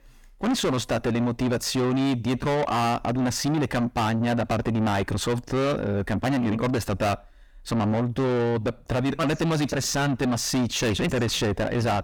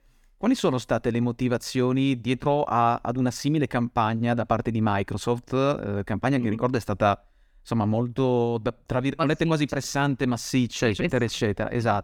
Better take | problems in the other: second | distortion; heavy; 6 dB below the speech

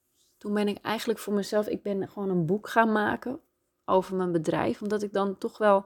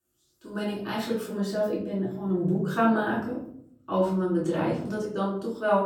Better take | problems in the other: first | off-mic speech; far // room echo; noticeable; dies away in 0.8 s

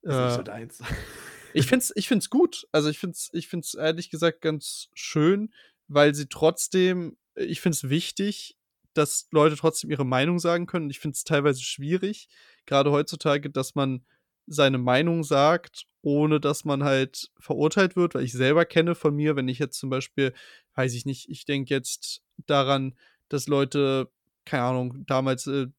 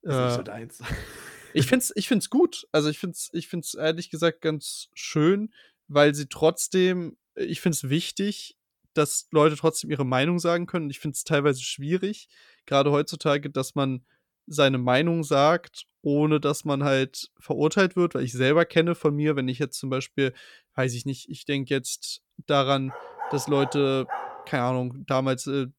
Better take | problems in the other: first | dog barking; noticeable; from 23 to 24 s; peak 9 dB below the speech

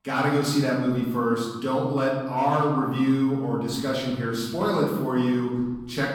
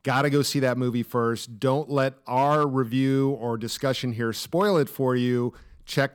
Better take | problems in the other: second | off-mic speech; far // room echo; noticeable; dies away in 1.1 s

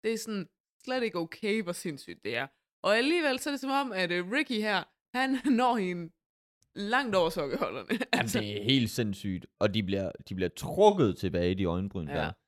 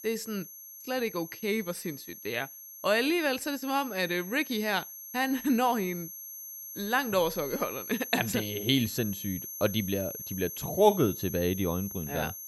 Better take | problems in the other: first | high-pitched whine; loud; throughout; 11.5 kHz, 10 dB below the speech

